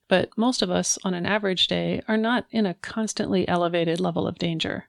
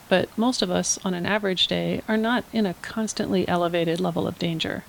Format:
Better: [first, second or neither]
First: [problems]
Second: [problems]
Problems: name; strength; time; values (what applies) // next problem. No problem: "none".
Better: first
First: none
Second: hiss; faint; throughout; 25 dB below the speech